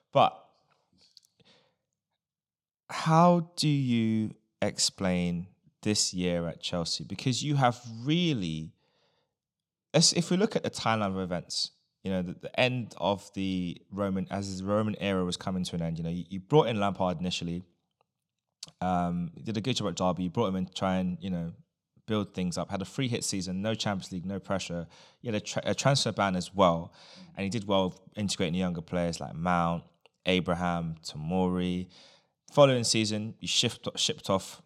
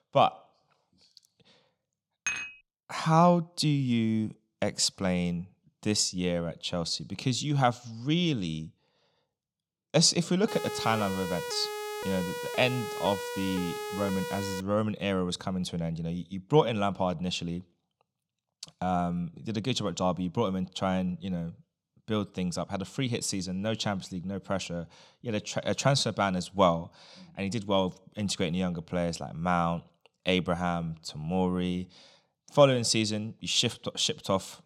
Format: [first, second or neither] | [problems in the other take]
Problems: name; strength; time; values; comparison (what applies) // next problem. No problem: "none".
first | clattering dishes; noticeable; at 2.5 s; peak 3 dB below the speech // siren; noticeable; from 10 to 15 s; peak 6 dB below the speech